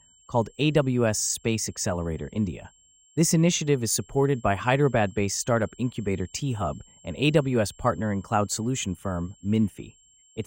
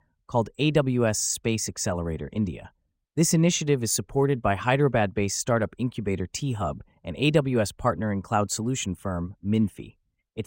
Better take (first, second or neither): second